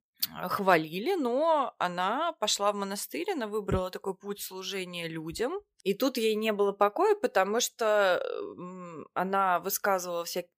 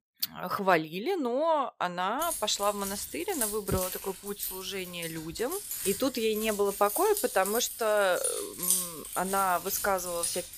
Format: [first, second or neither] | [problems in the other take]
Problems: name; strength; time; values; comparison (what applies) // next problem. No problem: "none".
first | jangling keys; loud; from 2 s on; peak 4 dB above the speech